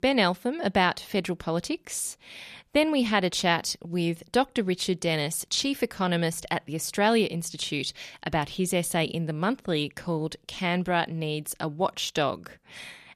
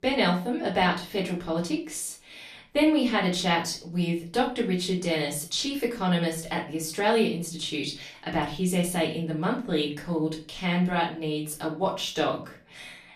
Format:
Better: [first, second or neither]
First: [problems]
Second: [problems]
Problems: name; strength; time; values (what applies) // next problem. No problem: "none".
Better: first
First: none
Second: room echo; slight; dies away in 0.3 s // off-mic speech; far